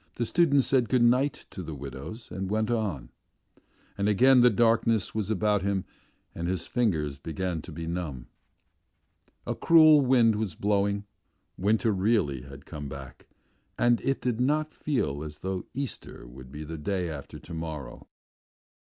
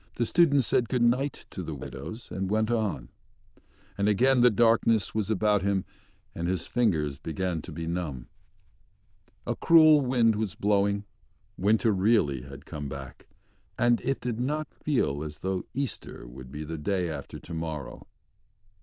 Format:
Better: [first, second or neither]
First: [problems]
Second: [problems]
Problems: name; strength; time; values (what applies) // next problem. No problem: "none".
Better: first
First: none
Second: noise reduction (neural diffusion model UNIVERSE++)